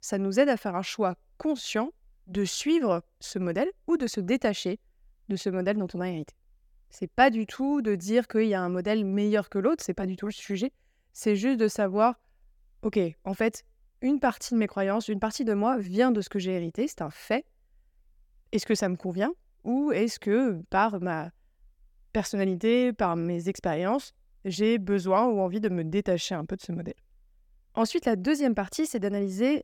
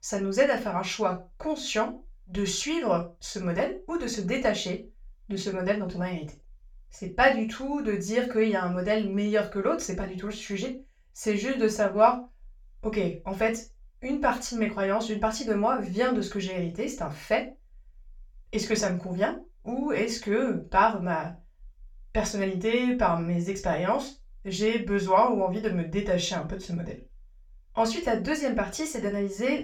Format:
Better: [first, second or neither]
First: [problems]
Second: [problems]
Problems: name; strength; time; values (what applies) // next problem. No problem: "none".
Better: first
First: none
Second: room echo; very slight; dies away in 0.2 s // off-mic speech; far